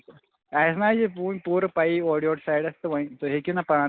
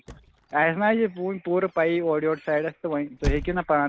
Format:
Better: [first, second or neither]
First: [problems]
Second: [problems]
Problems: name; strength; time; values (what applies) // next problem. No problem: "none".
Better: first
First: none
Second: background sound (Squeak / Slam / Wood); 11 dB below the speech